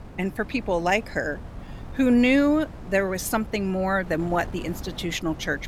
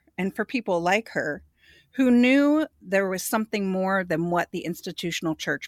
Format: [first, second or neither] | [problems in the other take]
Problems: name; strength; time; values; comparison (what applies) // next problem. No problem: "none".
second | wind noise on the microphone; occasional gusts; 20 dB below the speech